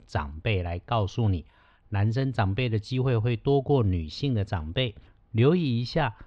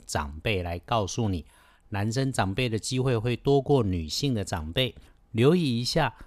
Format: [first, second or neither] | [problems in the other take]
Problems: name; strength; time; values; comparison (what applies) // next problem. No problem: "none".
second | muffled; slightly; fading above 3.5 kHz